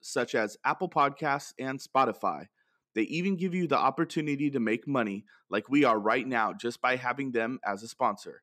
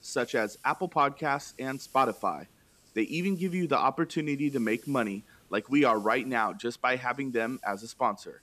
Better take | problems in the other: first | hiss; faint; throughout; 25 dB below the speech

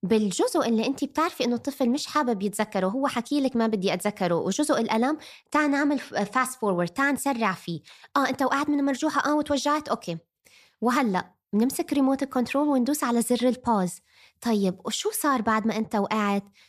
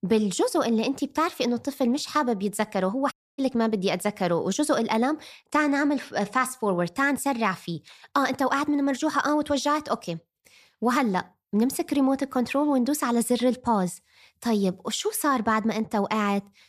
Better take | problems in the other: first | audio cutting out; at 3 s

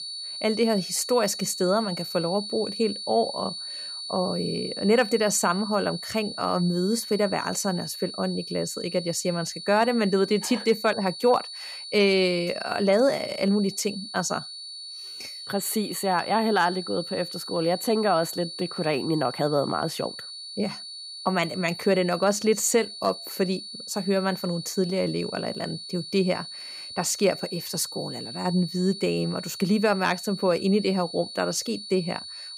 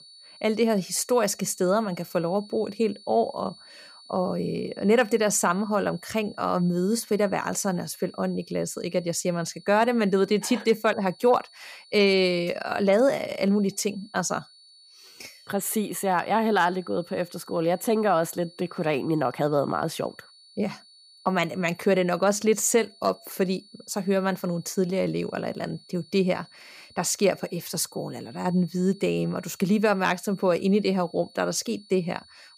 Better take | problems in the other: second | high-pitched whine; loud; throughout; 4.5 kHz, 9 dB below the speech; faint in the second

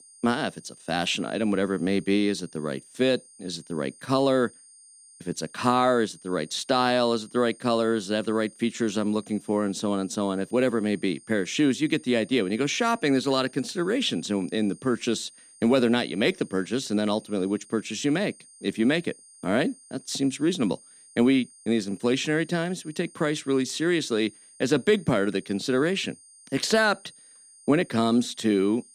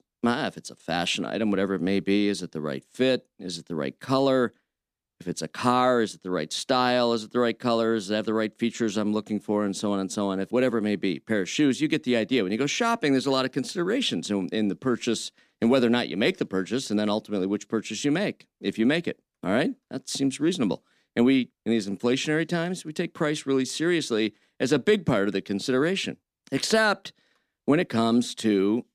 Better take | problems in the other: second | high-pitched whine; faint; throughout; 9 kHz, 25 dB below the speech

